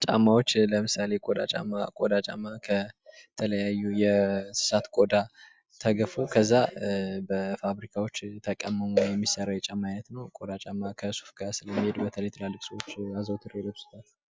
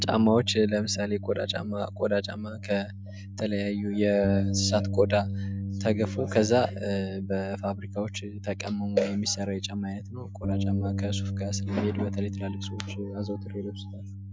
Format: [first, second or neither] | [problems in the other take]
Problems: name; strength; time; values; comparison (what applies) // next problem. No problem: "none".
first | background sound (Bass guitar); 5 dB below the speech